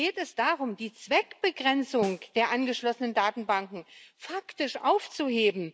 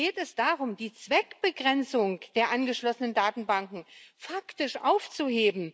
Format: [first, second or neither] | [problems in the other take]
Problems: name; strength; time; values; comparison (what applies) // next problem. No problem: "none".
second | background sound (Snare drum); 19 dB below the speech